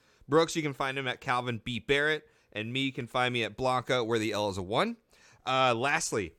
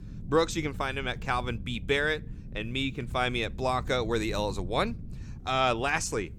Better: first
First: none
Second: low rumble; faint; throughout; 25 dB below the speech

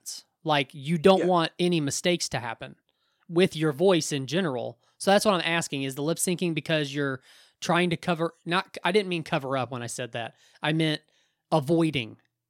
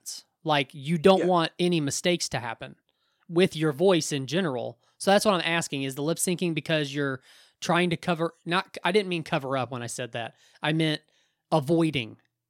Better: neither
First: none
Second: none

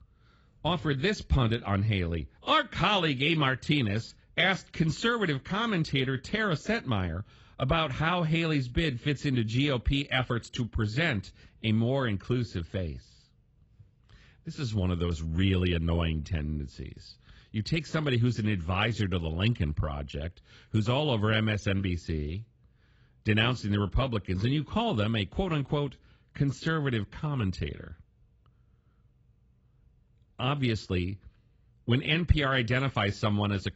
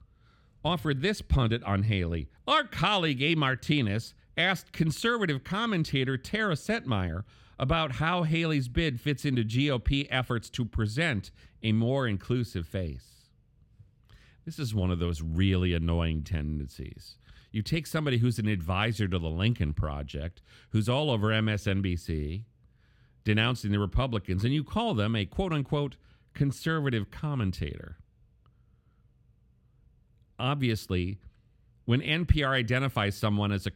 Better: second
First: garbled, watery; badly; nothing above 8 kHz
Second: none

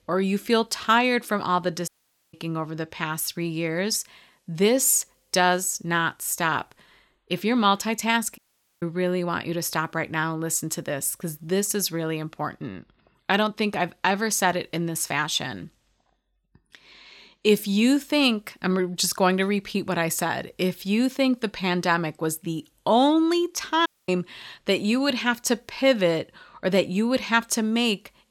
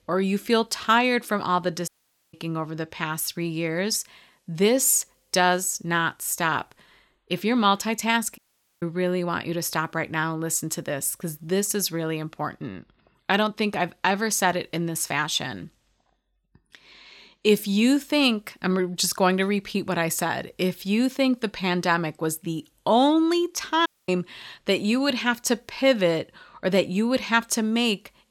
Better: neither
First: audio cutting out; at 2 s, at 8.5 s and at 24 s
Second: audio cutting out; at 2 s, at 8.5 s and at 24 s

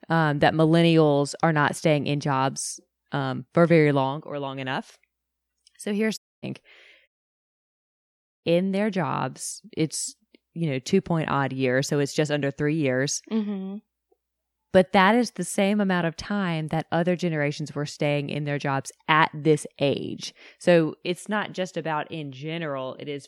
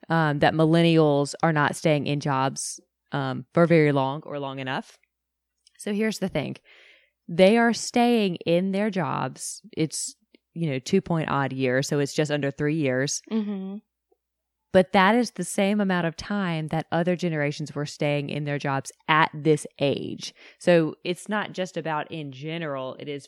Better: second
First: audio cutting out; at 6 s and at 7 s for 1.5 s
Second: none

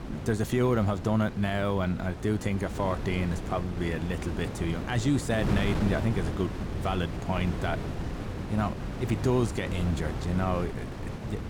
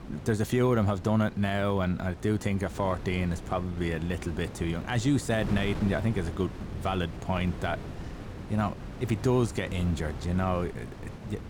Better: second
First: wind noise on the microphone; heavy; 7 dB below the speech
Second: wind noise on the microphone; occasional gusts; 15 dB below the speech

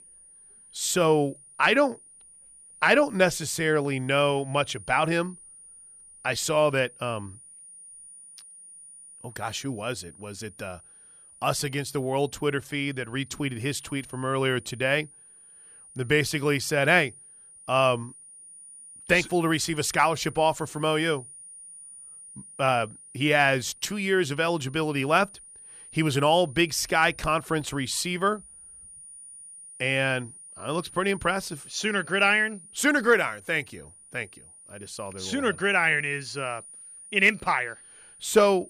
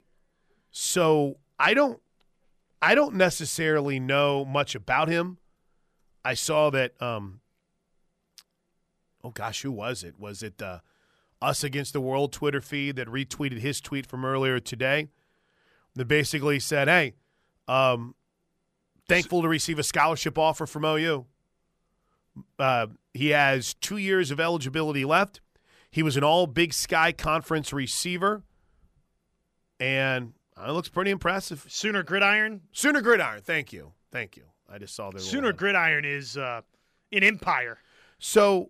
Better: second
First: high-pitched whine; faint; throughout; 9.5 kHz, 20 dB below the speech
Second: none

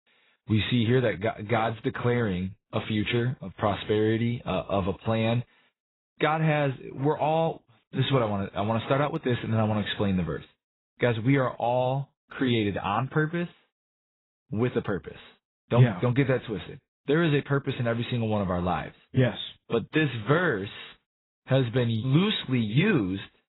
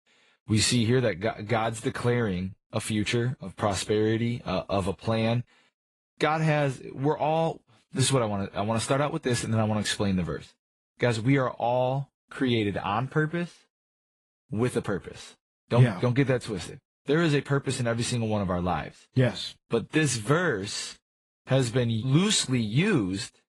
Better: second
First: garbled, watery; badly; nothing above 4 kHz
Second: garbled, watery; slightly; nothing above 10.5 kHz

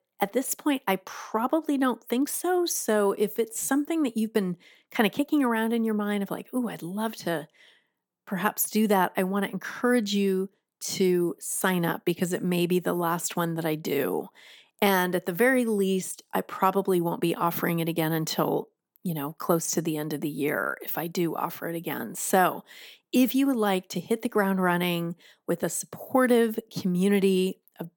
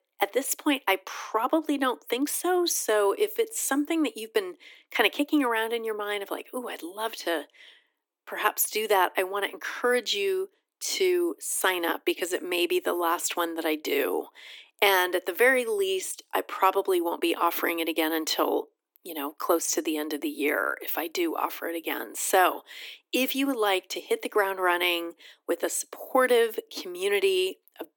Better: first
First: none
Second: thin; somewhat; fading below 300 Hz

